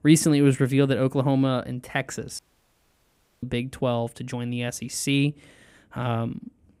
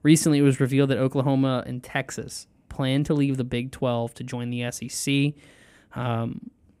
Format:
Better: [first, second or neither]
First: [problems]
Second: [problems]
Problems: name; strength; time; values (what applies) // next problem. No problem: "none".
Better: second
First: audio cutting out; at 2.5 s for 1 s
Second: none